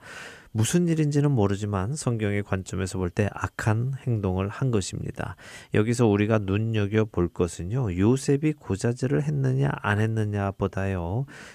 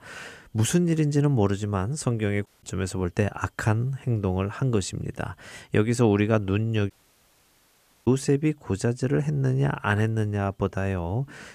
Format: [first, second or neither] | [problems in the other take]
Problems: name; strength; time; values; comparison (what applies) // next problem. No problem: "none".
first | audio cutting out; at 2.5 s and at 7 s for 1 s